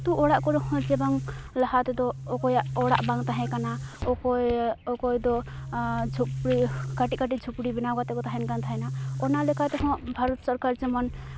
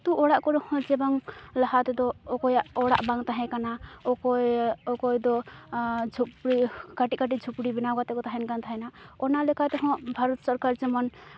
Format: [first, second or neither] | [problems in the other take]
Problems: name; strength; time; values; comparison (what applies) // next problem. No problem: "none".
second | background sound (Boom); 7 dB below the speech